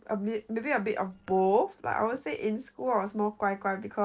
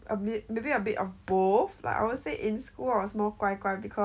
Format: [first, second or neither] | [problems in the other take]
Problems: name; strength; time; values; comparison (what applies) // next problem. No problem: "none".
second | noise reduction (neural separator model SepFormer DNS4)